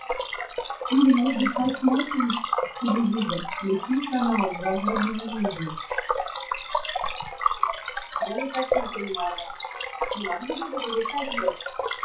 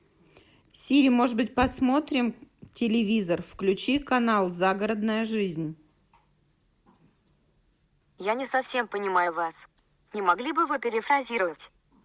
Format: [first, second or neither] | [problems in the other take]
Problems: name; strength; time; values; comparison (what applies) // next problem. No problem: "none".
second | noise reduction (classical method WPE with log-MMSE)